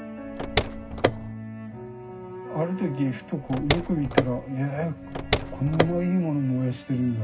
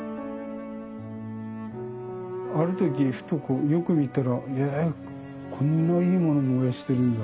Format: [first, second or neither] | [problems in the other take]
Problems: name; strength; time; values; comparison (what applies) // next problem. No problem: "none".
second | background sound (Car); as loud as the speech // room echo; dies away in 0.4 s